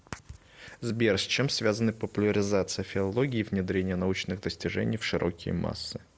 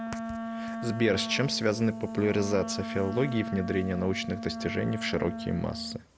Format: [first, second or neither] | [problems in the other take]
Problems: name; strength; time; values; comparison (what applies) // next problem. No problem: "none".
first | background sound (Wind instrument, woodwind instrument); 7 dB below the speech